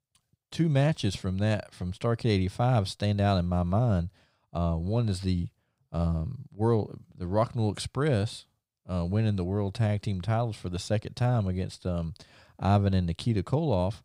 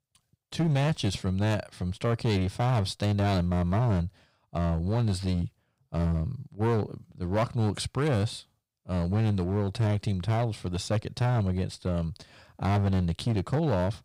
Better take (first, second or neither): first